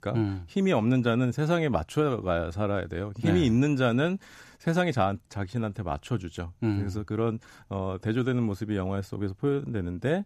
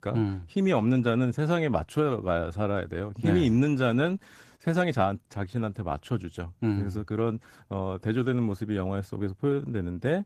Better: first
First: none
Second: garbled, watery; slightly; nothing above 14.5 kHz

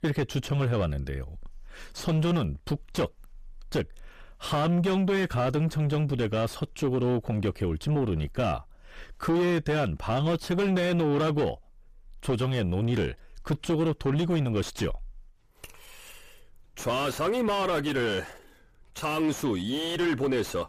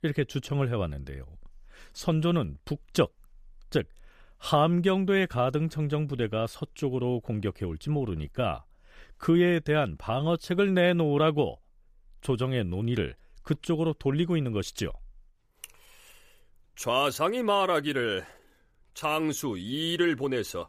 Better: second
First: distortion; heavy; 5 dB below the speech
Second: none

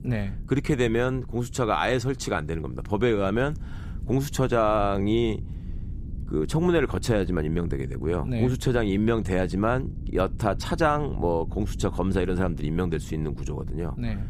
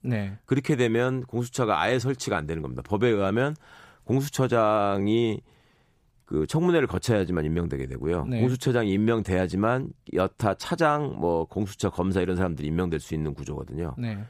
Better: second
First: low rumble; faint; throughout; 20 dB below the speech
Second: none

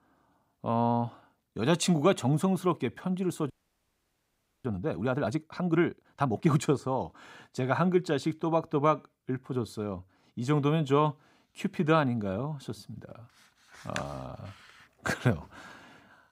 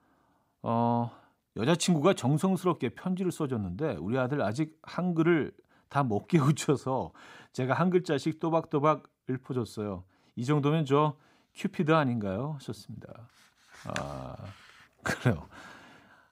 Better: second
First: audio freezing; at 3.5 s for 1 s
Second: none

